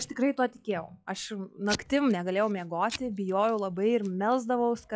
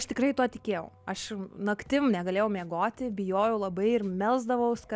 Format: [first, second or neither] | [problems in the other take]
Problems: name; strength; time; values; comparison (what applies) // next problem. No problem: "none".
second | noise reduction (classical method log-MMSE)